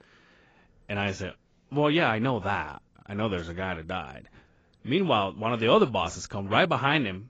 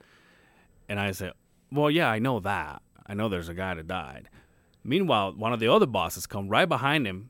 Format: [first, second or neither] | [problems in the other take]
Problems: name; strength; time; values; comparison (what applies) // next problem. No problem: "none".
second | garbled, watery; badly; nothing above 7.5 kHz